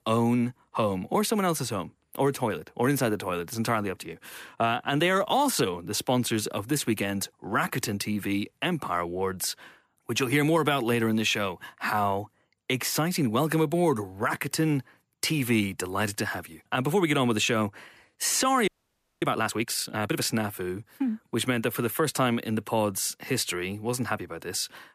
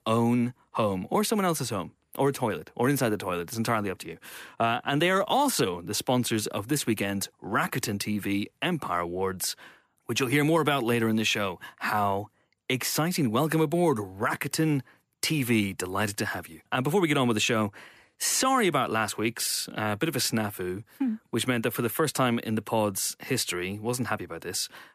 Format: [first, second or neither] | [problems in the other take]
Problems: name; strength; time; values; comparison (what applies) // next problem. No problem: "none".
second | audio freezing; at 19 s for 0.5 s